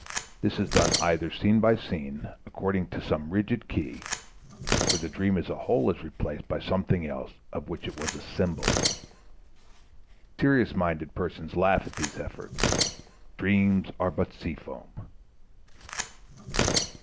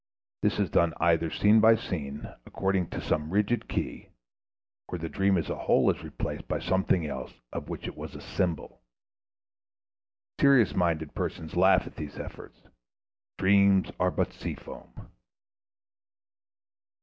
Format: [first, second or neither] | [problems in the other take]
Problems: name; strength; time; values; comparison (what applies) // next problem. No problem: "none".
second | background sound (Tearing); 5 dB below the speech